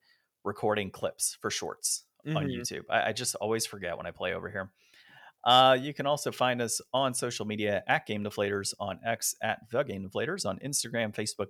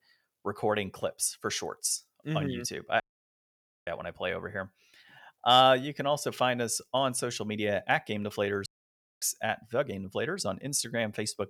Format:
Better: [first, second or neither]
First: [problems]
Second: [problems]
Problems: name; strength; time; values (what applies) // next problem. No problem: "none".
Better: first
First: none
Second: audio cutting out; at 3 s for 1 s and at 8.5 s for 0.5 s